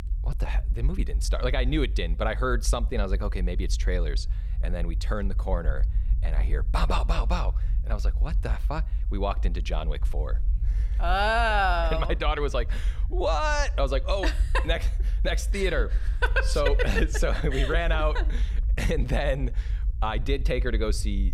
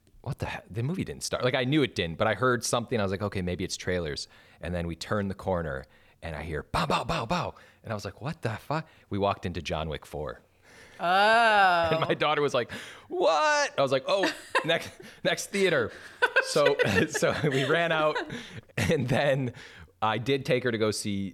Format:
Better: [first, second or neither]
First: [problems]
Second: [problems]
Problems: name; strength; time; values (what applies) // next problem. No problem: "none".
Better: second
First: low rumble; faint; throughout; 20 dB below the speech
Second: none